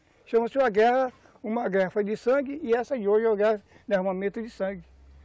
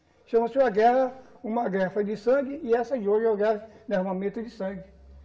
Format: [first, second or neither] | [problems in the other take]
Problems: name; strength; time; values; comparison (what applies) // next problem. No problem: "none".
first | room echo; dies away in 1.4 s